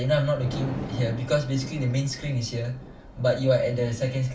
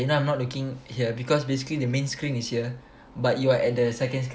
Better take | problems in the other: second | background sound (Thunder); 13 dB below the speech // room echo; dies away in 0.2 s

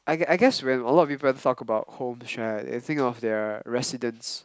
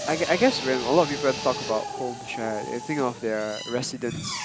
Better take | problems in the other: first | background sound (Drill); 8 dB below the speech

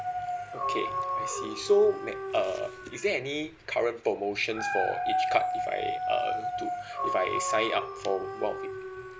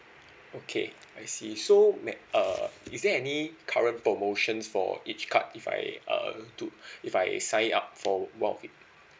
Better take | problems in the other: second | background sound (Dog); 2 dB below the speech

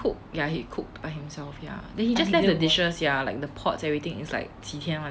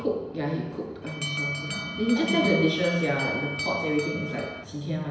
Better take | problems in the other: first | background sound (Alarm); 7 dB below the speech // room echo; dies away in 1 s

